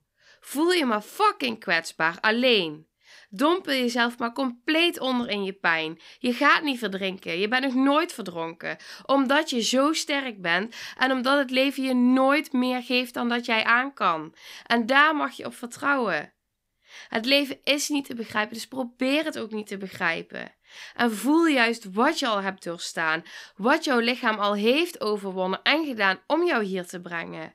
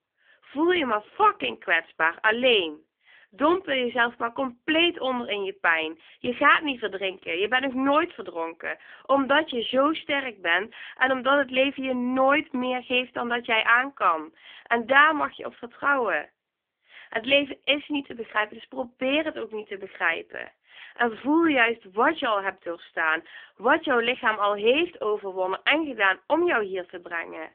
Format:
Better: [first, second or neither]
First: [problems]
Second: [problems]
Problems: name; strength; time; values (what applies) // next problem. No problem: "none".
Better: first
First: none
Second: phone-call audio; poor line; nothing above 3.5 kHz